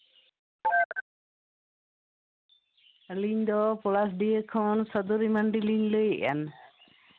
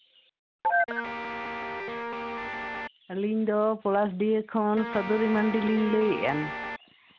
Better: first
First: none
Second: background sound (Guitar); 6 dB below the speech

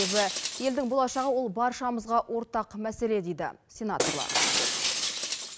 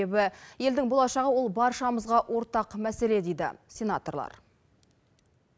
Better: second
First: background sound (Shatter); 3 dB below the speech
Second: none

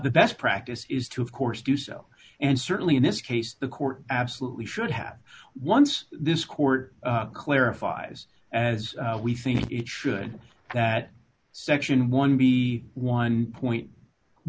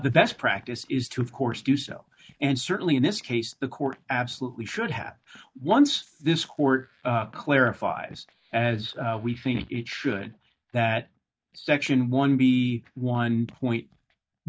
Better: first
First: none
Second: noise reduction (neural mask model DeepFilterNet 3)

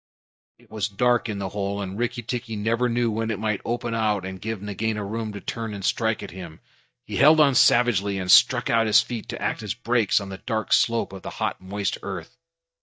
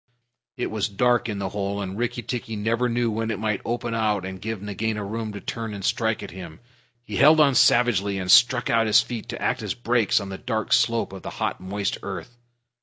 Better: second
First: noise reduction (neural mask model DeepFilterNet 3)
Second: none

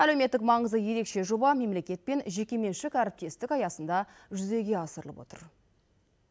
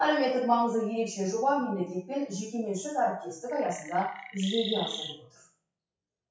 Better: first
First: none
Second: noise reduction (classical method WPE with log-MMSE)

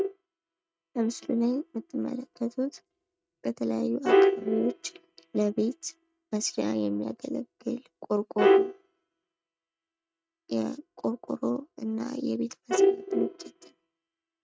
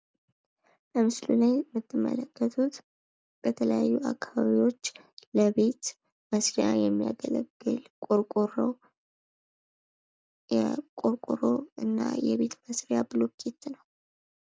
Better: second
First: noise reduction (neural mask model RNNoise)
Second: none

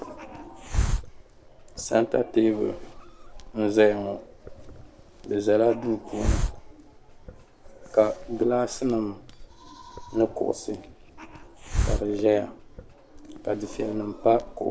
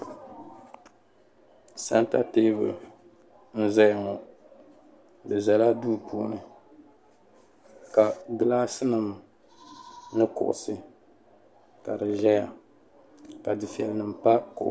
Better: second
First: background sound (Hiss); 7 dB below the speech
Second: none

